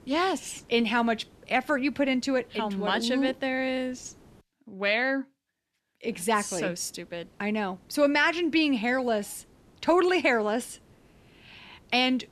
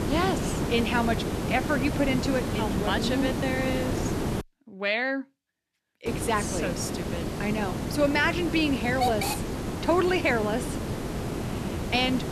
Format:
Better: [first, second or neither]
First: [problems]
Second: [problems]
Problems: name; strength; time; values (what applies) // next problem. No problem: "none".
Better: first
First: hiss; faint; until 4.5 s and from 6 s on; 30 dB below the speech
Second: hiss; loud; until 4.5 s and from 6 s on; 3 dB below the speech